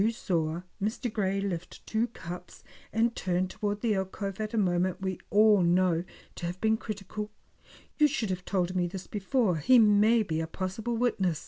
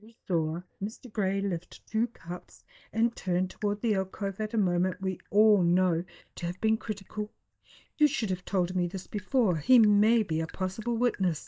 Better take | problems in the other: first | noise reduction (neural mask model DeepFilterNet 3)

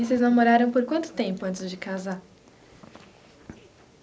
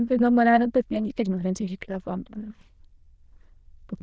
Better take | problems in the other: first | noise reduction (neural diffusion model UNIVERSE++)

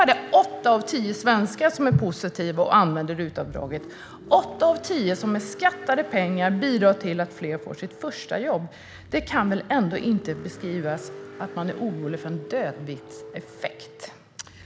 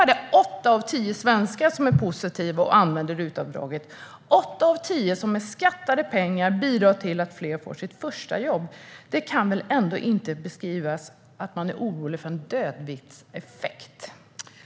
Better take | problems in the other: second | background sound (Car); 16 dB below the speech

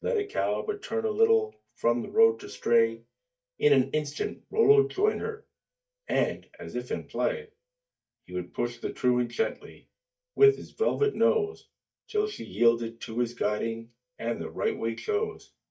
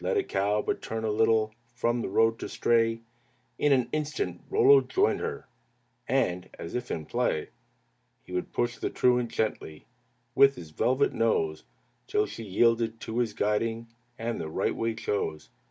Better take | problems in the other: second | noise reduction (neural mask model DeepFilterNet 3)

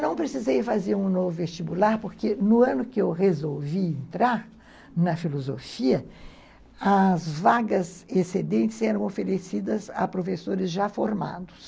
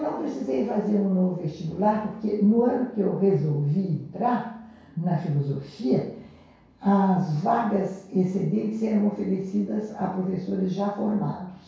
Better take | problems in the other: first | room echo; dies away in 0.6 s

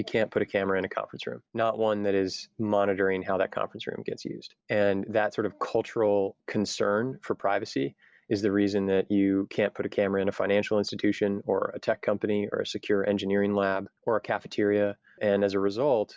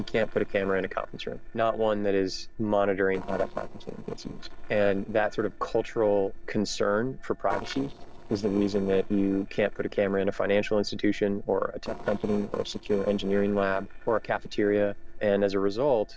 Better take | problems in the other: first | noise reduction (neural separator model SepFormer DNS4)

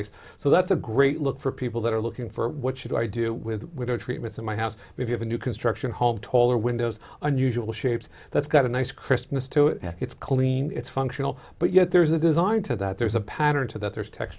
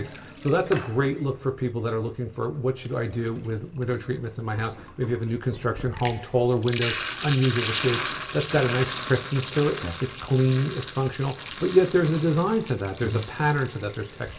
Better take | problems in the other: first | background sound (Sink (filling or washing)); 11 dB below the speech // room echo; dies away in 0.8 s

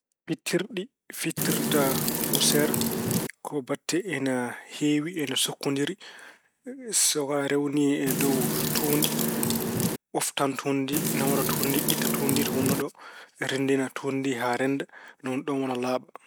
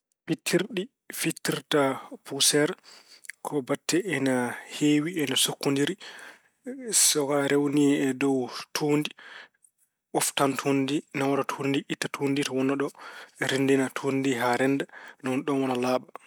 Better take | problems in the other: second | background sound (Wind); 2 dB above the speech

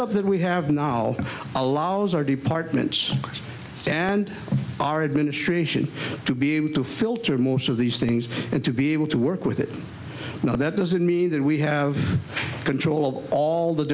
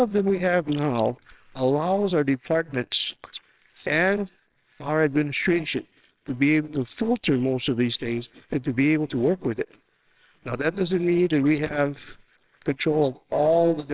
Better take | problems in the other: first | noise reduction (neural separator model SepFormer WHAMR!)

